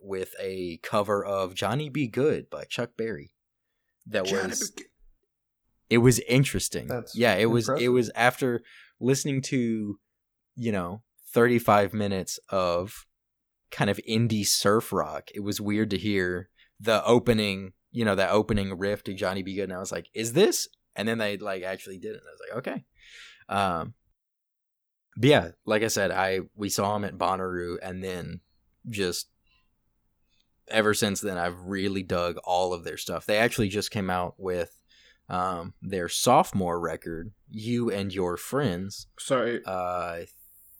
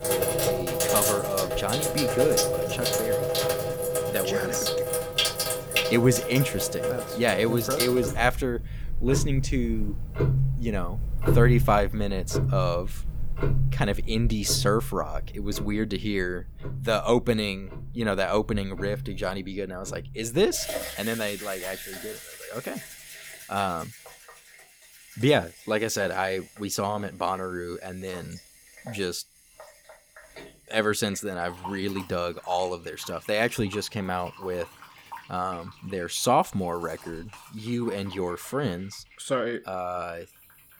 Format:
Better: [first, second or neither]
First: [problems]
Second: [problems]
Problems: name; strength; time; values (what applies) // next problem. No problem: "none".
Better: first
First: none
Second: household noises; loud; throughout; as loud as the speech